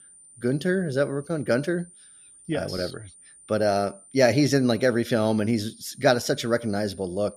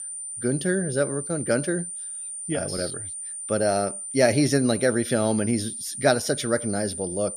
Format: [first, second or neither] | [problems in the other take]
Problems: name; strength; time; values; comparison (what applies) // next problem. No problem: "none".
first | high-pitched whine; loud; throughout; 9 kHz, 7 dB below the speech; faint in the first